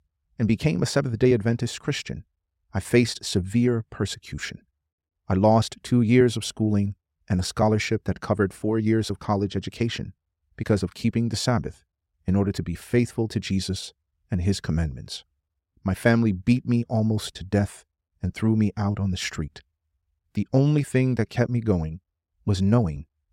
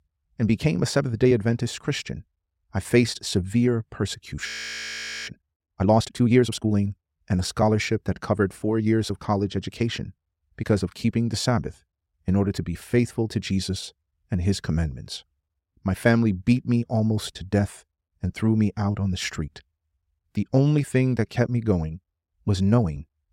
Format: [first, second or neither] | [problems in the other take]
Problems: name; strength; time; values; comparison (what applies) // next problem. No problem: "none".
first | audio freezing; at 4.5 s for 1 s